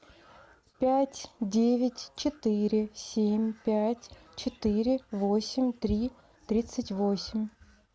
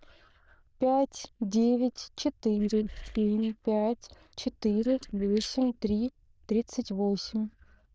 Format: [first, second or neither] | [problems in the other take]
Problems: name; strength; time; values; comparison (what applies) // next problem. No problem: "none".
first | noise reduction (neural diffusion model UNIVERSE++)